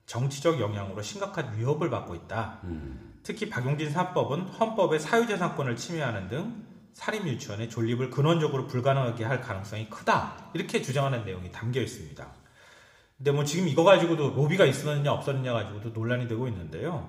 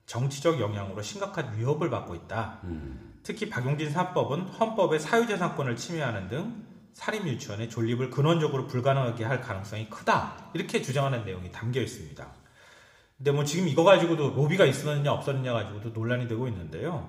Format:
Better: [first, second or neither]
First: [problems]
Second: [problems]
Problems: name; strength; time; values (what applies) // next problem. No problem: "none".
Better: neither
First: room echo; very slight; dies away in 0.8 s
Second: room echo; very slight; dies away in 0.8 s